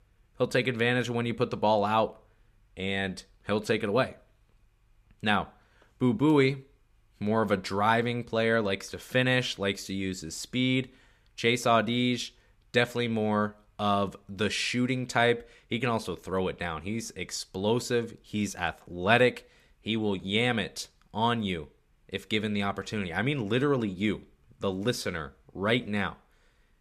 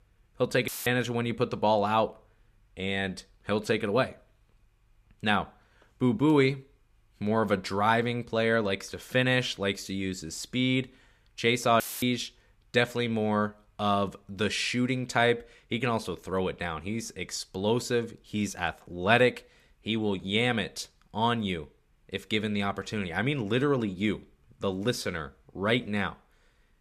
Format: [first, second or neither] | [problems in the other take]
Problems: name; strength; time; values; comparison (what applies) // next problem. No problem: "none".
first | audio cutting out; filled with static; at 0.5 s and at 12 s